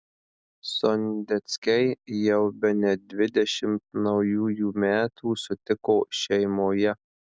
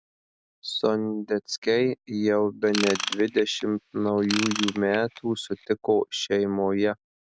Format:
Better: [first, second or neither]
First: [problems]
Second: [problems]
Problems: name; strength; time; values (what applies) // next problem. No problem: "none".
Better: first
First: none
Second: background sound (Ratchet, pawl / Tools); 8 dB below the speech